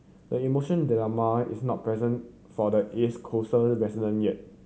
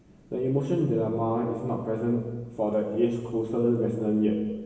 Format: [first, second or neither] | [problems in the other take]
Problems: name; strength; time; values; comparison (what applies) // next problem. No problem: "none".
first | room echo; dies away in 1.2 s